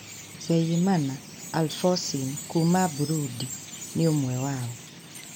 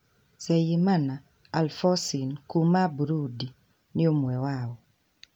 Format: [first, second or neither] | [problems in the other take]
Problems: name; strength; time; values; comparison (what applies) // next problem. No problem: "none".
second | background sound (Chirp, tweet); 13 dB below the speech